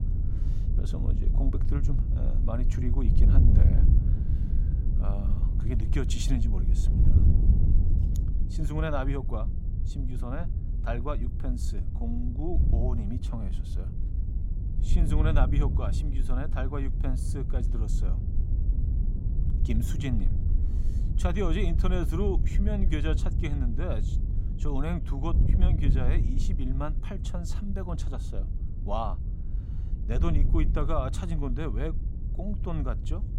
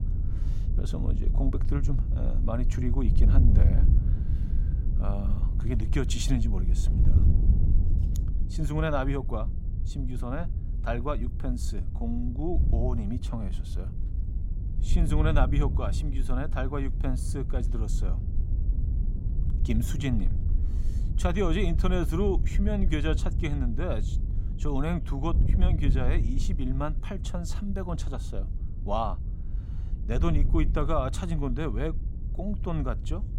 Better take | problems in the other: second | wind noise on the microphone; heavy; 7 dB below the speech; occasional gusts in the second

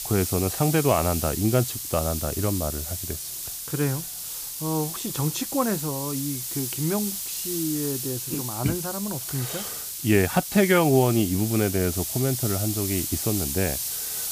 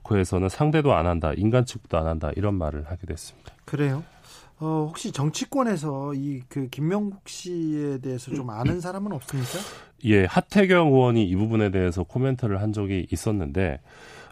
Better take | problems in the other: second | hiss; loud; throughout; 3 dB below the speech

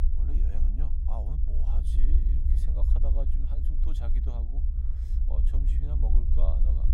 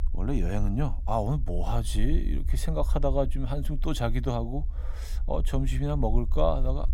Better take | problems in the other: second | low rumble; loud; throughout; 1 dB below the speech; faint in the second

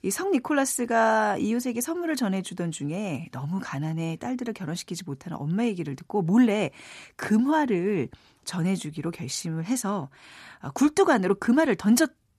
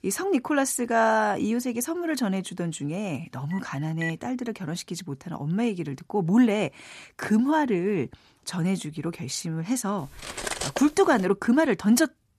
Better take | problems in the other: first | phone ringing; noticeable; at 3.5 s; peak 9 dB below the speech // clattering dishes; noticeable; from 10 to 11 s; peak 4 dB below the speech

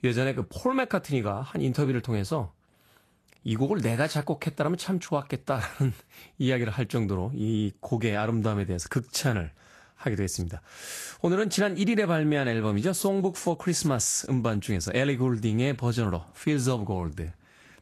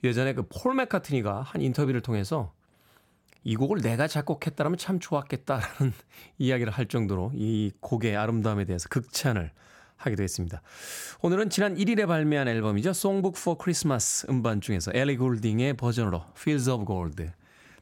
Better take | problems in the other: second | garbled, watery; slightly; nothing above 12.5 kHz

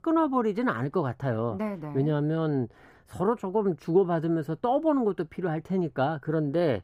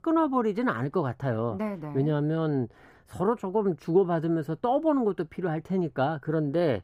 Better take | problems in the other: neither | muffled; slightly; fading above 2.5 kHz; the same in both

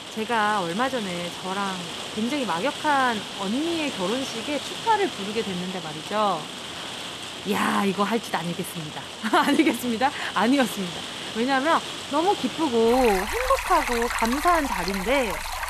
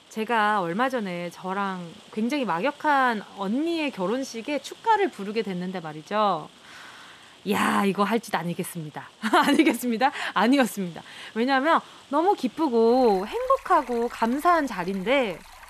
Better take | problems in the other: second | rain or running water; loud; throughout; 6 dB below the speech; faint in the second

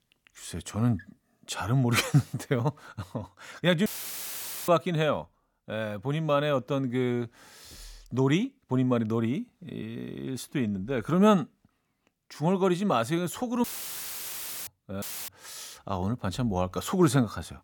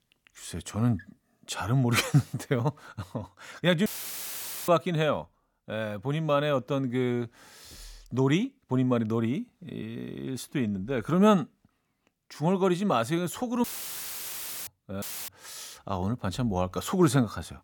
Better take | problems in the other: neither | audio cutting out; filled with static; at 4 s for 1 s, at 14 s for 1 s and at 15 s; the same in both

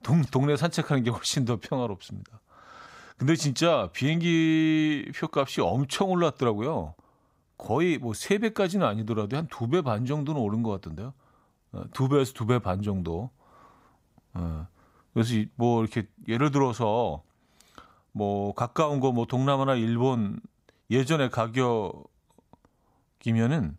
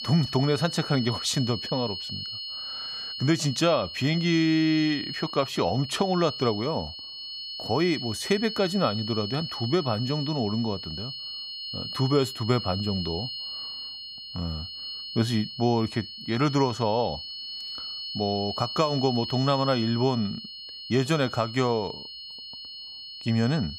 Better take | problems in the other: first | high-pitched whine; loud; throughout; 4.5 kHz, 8 dB below the speech

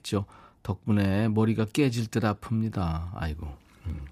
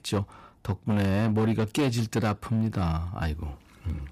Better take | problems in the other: first | distortion; slight; 9% of the sound clipped

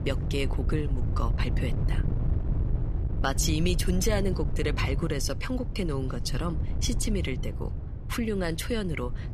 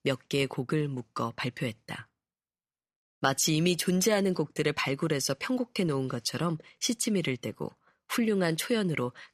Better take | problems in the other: second | wind noise on the microphone; occasional gusts; 10 dB below the speech

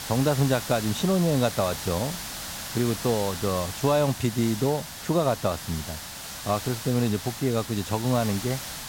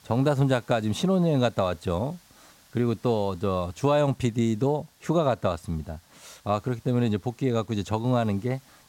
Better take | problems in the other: second | hiss; loud; throughout; 8 dB below the speech; faint in the second

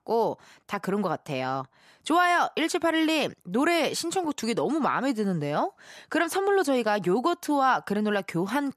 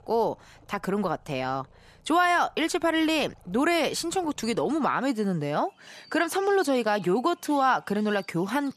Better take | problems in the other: first | animal sounds; faint; throughout; 25 dB below the speech

